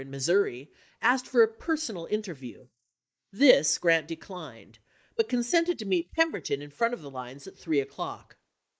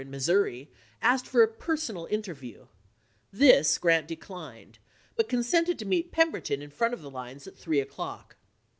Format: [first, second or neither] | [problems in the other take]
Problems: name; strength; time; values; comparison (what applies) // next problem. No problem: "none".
second | noise reduction (neural mask model Resemble Enhance denoiser)